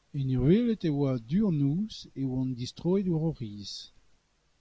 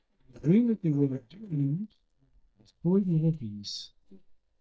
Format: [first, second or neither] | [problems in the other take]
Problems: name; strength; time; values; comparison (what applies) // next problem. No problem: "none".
first | noise reduction (neural mask model DeepFilterNet 3)